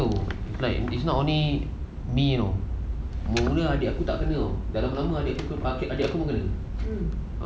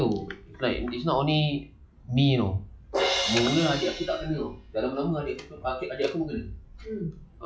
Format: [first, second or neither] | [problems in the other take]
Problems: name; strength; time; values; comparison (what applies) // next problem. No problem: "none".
first | noise reduction (classical method log-MMSE)